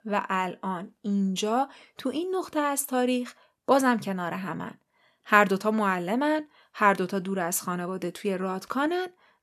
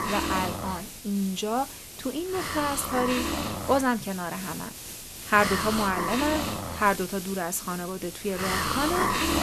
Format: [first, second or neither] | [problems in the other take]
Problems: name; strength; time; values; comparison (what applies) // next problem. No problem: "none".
first | hiss; loud; throughout; 3 dB below the speech